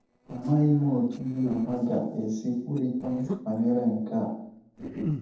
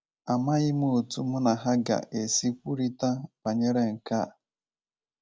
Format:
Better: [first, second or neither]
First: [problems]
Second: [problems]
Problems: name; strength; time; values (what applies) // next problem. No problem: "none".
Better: second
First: noise reduction (neural separator model SepFormer DNS4)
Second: none